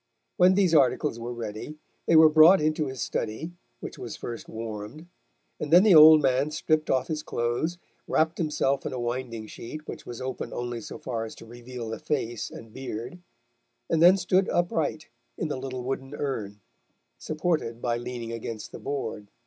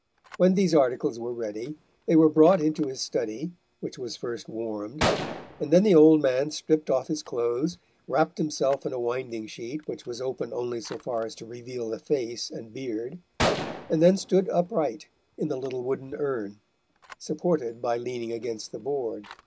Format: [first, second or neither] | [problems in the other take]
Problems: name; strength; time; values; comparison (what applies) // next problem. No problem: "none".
first | background sound (Gunshot, gunfire); 13 dB below the speech